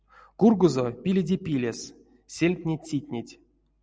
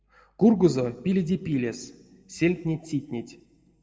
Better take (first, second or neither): first